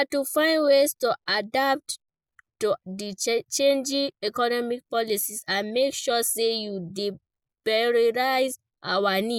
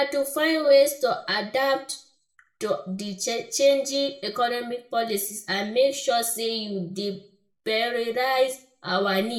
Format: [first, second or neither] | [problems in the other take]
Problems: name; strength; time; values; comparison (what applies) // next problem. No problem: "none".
first | room echo; dies away in 0.4 s